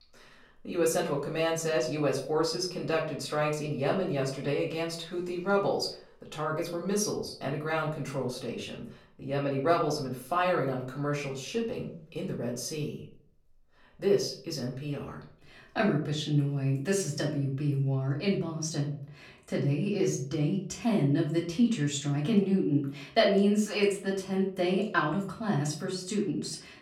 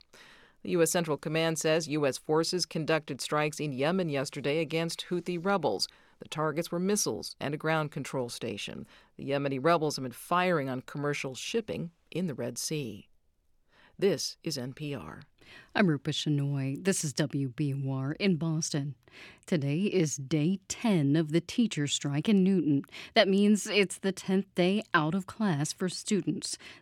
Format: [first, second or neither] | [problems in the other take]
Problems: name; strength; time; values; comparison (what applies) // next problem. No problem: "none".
second | off-mic speech; far // room echo; slight; dies away in 0.4 s